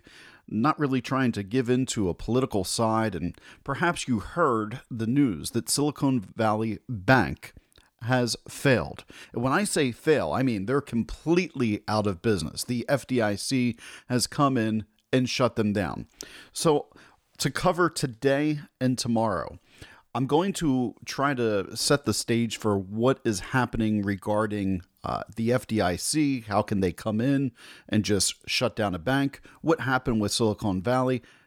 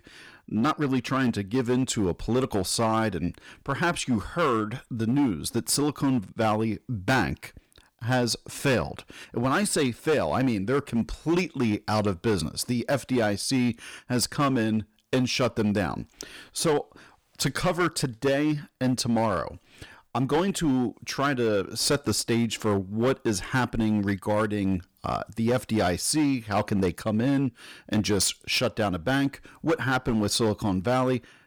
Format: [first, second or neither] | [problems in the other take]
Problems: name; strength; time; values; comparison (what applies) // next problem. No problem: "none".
first | distortion; slight; 8% of the sound clipped